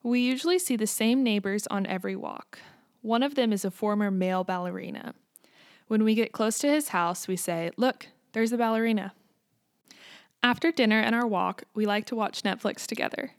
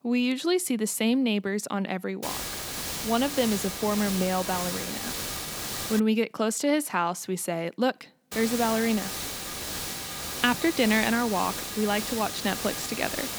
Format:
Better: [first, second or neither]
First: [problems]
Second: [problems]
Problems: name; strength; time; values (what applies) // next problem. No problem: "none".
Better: first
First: none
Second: hiss; loud; from 2 to 6 s and from 8.5 s on; 5 dB below the speech